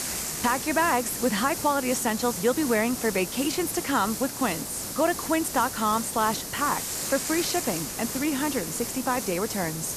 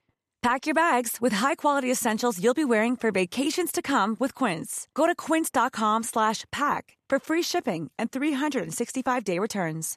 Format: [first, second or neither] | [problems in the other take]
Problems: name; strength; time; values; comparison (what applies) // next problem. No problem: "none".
second | hiss; loud; throughout; 4 dB below the speech